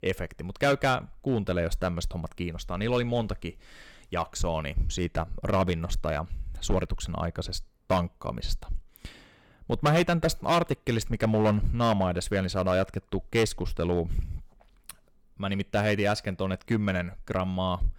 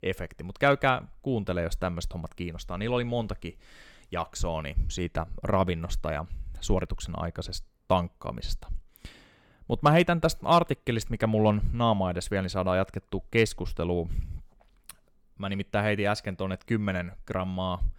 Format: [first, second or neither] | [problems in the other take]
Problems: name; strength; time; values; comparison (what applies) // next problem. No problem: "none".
second | distortion; slight; 4% of the sound clipped